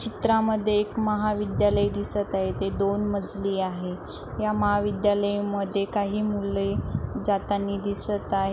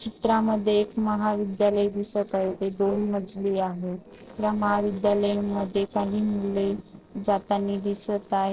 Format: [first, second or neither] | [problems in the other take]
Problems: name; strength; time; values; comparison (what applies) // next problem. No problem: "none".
first | noise reduction (neural separator model SepFormer DNS4)